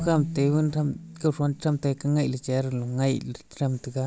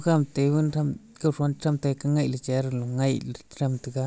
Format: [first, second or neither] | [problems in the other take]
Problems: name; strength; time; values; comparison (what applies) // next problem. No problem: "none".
second | background sound (Bowed string instrument); 14 dB below the speech